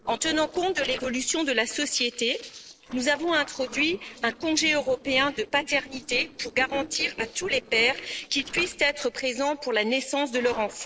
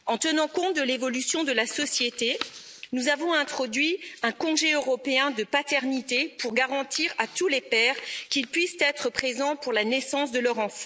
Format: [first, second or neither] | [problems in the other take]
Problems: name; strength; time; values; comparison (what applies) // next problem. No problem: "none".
second | noise reduction (neural separator model SepFormer DNS4)